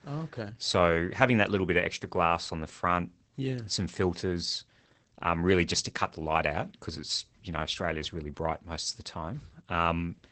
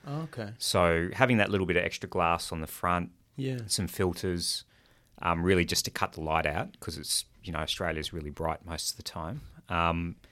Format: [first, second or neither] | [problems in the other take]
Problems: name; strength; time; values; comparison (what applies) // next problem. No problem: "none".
second | garbled, watery; badly; nothing above 8 kHz